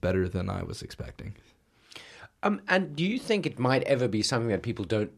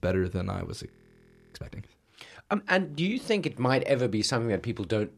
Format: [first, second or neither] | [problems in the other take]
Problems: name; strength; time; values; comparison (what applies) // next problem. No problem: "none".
first | audio freezing; at 1 s for 0.5 s